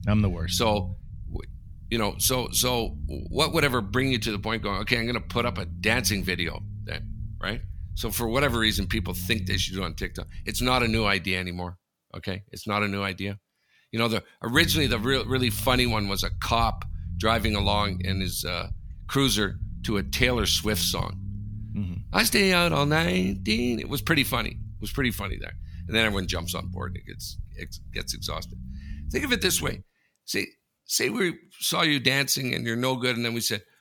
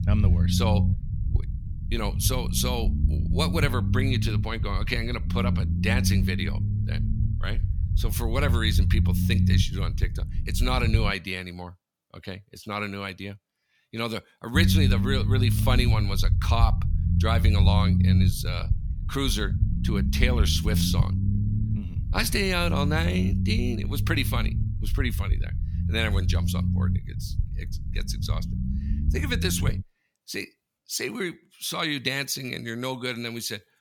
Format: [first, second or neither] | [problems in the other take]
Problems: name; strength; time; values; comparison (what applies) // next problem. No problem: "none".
first | low rumble; loud; until 11 s and from 15 to 30 s; 9 dB below the speech; faint in the first